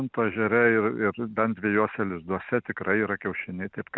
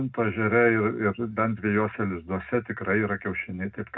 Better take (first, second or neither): first